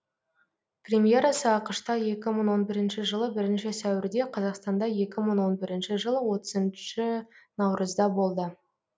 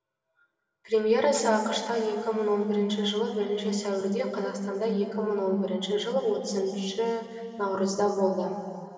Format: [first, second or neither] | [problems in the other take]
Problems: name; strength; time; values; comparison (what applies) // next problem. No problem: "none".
first | room echo; dies away in 2.8 s